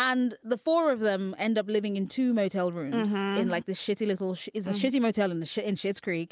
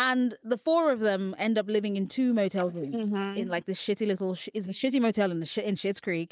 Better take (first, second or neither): first